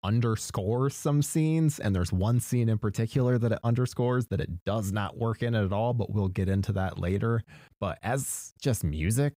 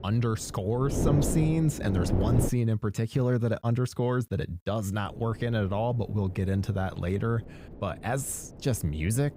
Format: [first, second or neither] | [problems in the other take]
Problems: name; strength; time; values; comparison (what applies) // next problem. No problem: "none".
first | wind noise on the microphone; heavy; until 2.5 s and from 5 s on; 3 dB below the speech